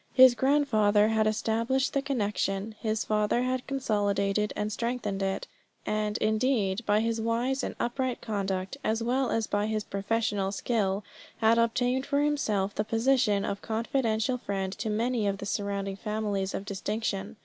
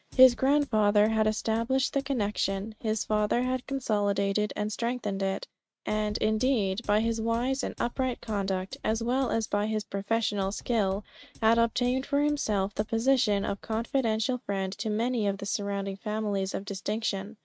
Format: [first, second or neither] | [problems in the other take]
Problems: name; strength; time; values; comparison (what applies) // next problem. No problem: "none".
first | noise reduction (neural mask model RNNoise)